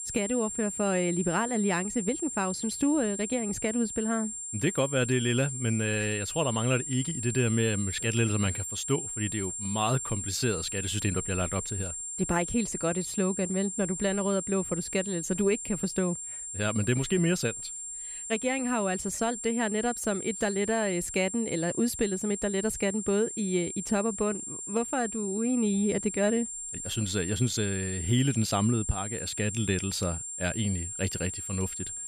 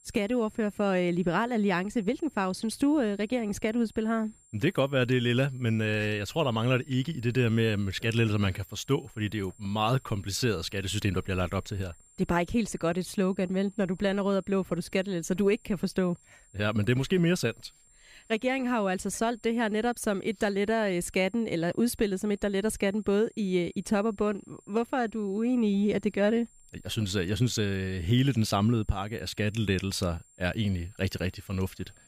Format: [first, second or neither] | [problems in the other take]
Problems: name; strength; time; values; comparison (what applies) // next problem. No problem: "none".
second | high-pitched whine; loud; throughout; 7.5 kHz, 5 dB below the speech; faint in the second